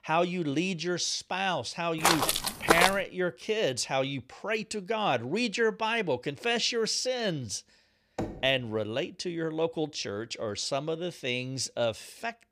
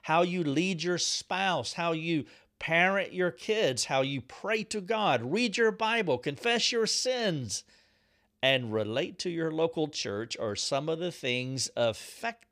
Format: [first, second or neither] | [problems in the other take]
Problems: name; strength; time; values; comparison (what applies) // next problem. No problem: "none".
second | footsteps; loud; at 2 s; peak 6 dB above the speech // door banging; noticeable; at 8 s; peak 8 dB below the speech